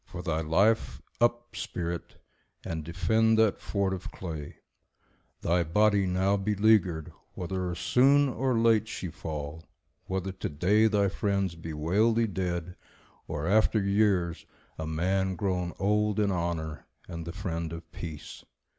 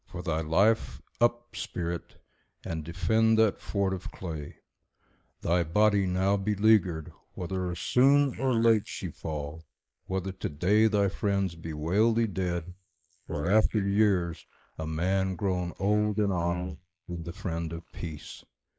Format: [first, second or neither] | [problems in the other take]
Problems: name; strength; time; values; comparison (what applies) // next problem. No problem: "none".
first | noise reduction (neural mask model Resemble Enhance denoiser)